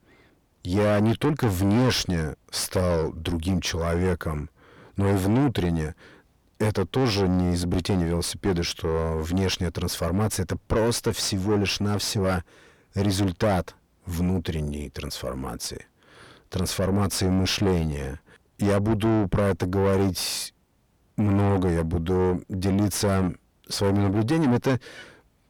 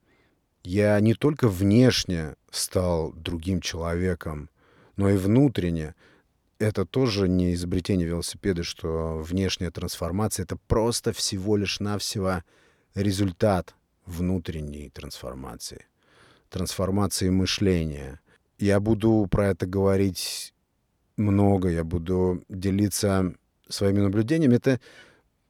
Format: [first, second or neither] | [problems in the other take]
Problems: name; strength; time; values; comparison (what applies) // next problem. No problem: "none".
second | distortion; heavy; 6 dB below the speech